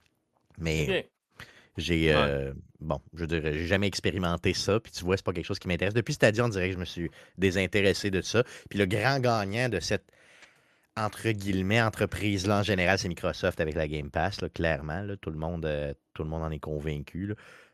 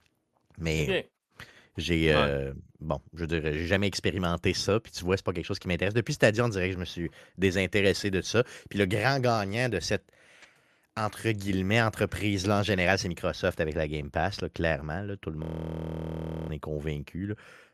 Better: first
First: none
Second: audio freezing; at 15 s for 1 s

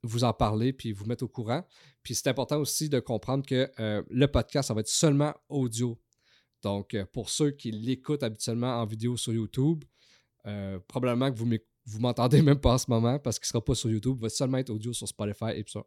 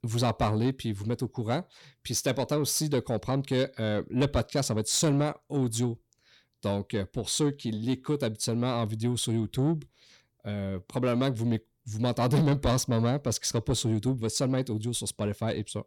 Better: first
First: none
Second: distortion; slight; 10 dB below the speech

